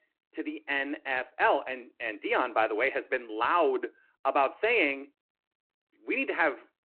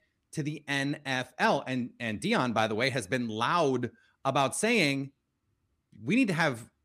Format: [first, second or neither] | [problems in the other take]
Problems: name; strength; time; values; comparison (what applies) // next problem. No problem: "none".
second | phone-call audio; nothing above 4 kHz